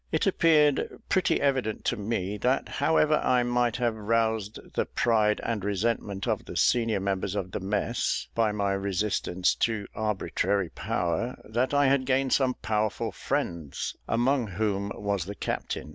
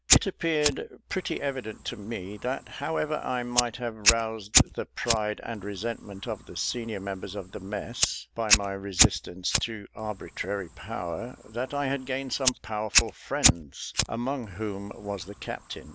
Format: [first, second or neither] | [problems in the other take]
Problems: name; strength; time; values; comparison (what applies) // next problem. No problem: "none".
first | background sound (Fire); 1 dB above the speech